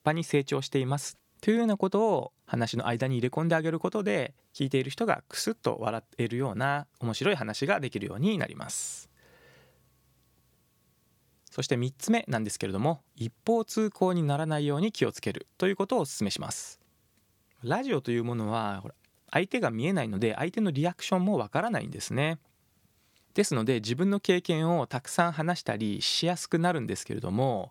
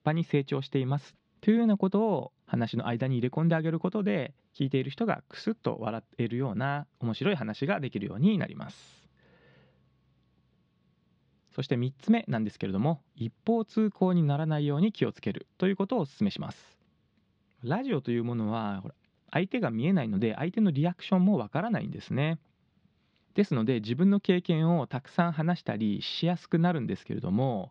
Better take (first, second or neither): first